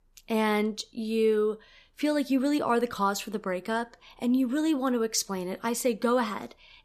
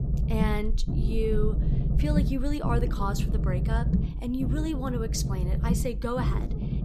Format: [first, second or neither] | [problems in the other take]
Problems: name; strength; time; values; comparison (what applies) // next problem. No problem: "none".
first | low rumble; loud; throughout; 6 dB below the speech